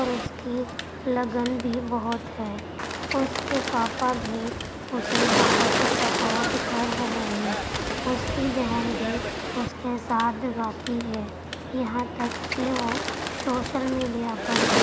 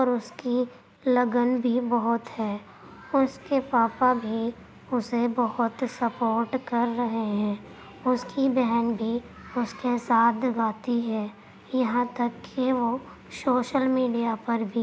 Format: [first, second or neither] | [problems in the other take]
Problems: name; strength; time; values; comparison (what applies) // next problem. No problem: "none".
second | background sound (Bird); as loud as the speech